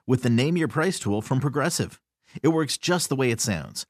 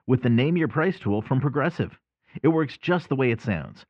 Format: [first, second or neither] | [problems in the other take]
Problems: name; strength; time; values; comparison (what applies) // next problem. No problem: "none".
first | muffled; very; fading above 2.5 kHz